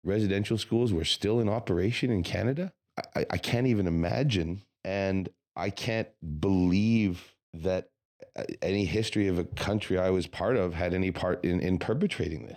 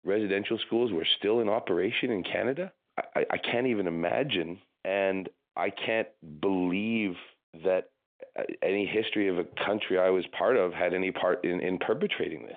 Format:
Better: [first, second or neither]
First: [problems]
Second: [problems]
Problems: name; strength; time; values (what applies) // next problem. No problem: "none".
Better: first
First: none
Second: phone-call audio; nothing above 3.5 kHz